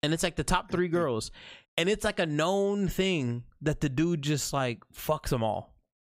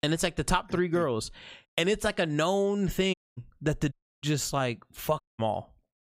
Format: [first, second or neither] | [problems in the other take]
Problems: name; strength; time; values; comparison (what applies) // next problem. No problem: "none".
first | audio cutting out; at 3 s, at 4 s and at 5 s